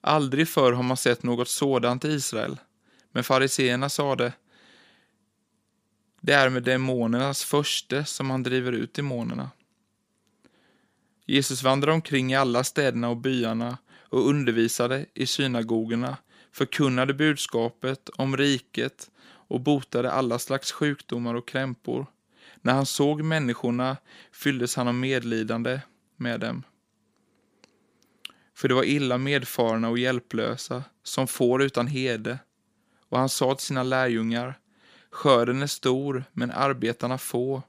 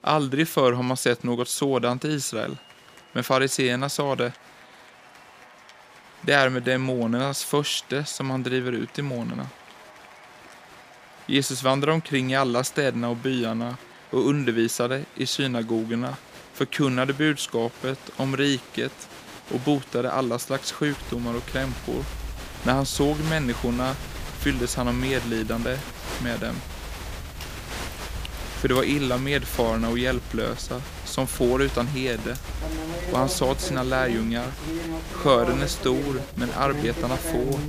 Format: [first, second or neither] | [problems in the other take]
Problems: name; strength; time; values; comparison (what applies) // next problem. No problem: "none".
first | crowd noise; noticeable; throughout; 10 dB below the speech